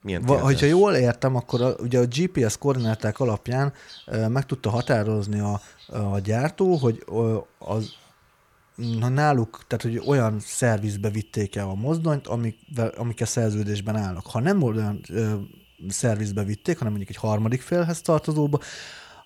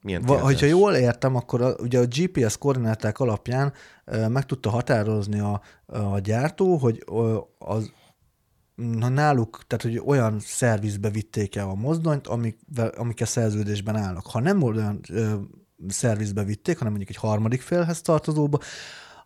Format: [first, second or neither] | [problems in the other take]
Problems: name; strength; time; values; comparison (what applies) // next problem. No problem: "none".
second | animal sounds; faint; throughout; 25 dB below the speech